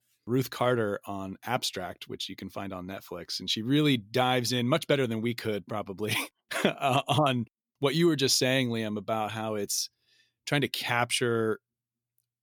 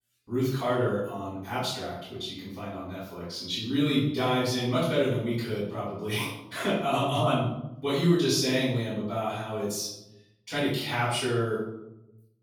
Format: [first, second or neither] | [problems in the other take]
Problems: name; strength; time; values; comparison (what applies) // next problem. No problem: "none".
first | off-mic speech; far // room echo; noticeable; dies away in 0.8 s